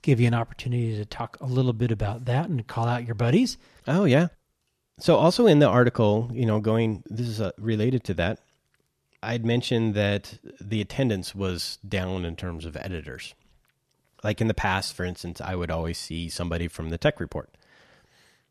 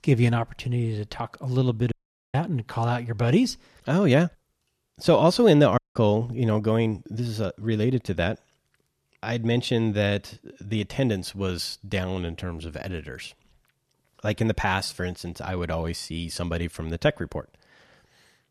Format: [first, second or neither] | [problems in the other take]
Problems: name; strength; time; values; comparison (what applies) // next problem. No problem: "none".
first | audio cutting out; at 2 s and at 6 s